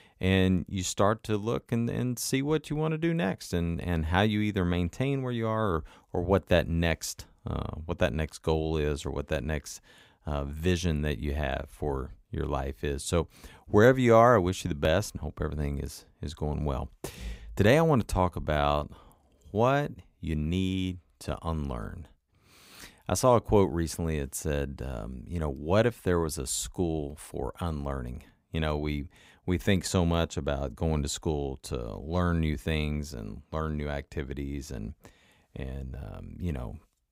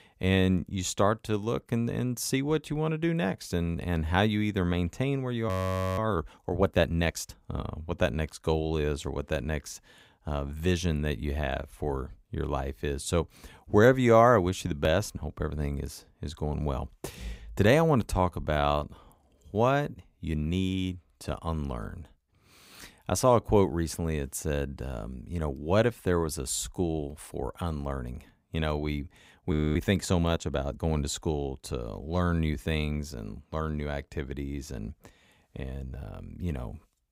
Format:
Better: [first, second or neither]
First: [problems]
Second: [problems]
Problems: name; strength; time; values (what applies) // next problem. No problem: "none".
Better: first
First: none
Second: audio freezing; at 5.5 s and at 30 s